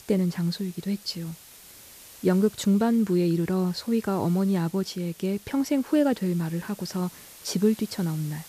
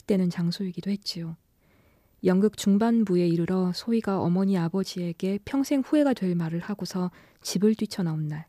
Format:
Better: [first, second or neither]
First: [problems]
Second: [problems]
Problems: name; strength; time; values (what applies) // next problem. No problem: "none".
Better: second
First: hiss; faint; throughout; 20 dB below the speech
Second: none